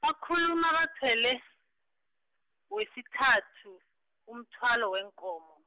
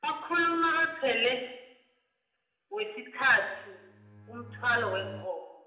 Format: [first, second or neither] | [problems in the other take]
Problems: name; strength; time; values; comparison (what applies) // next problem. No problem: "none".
first | background sound (Bowed string instrument); 16 dB below the speech // room echo; dies away in 0.8 s